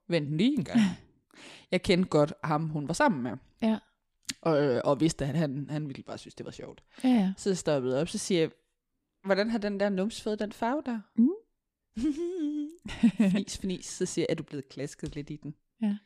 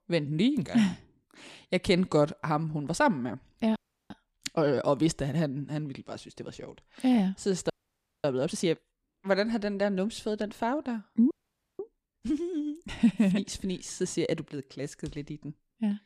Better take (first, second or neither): first